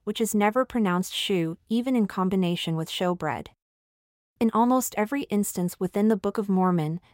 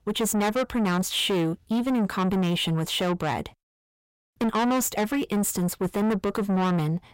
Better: first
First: none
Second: distortion; heavy; 7 dB below the speech

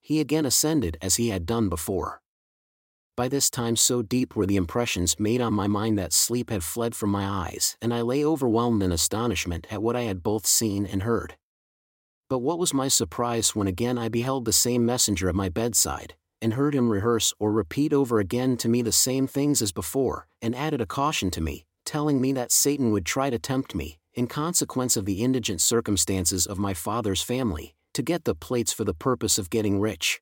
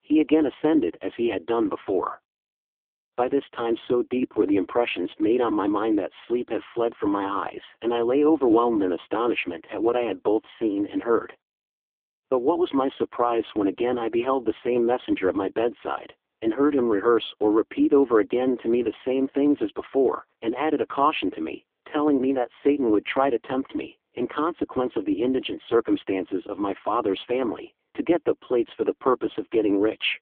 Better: first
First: none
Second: phone-call audio; poor line; nothing above 3.5 kHz

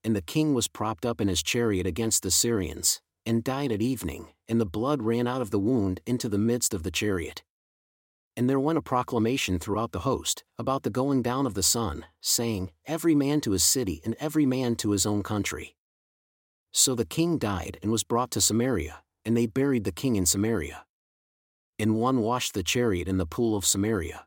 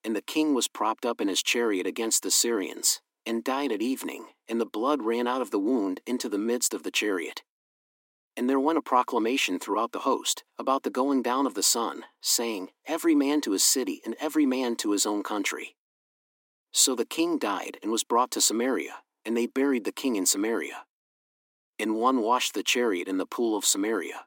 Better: first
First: none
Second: thin; very slightly; fading below 250 Hz

